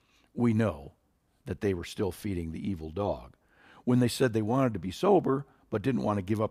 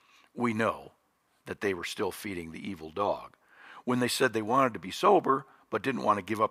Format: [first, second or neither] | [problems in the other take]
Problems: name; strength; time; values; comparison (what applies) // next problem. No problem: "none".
first | thin; somewhat; fading below 550 Hz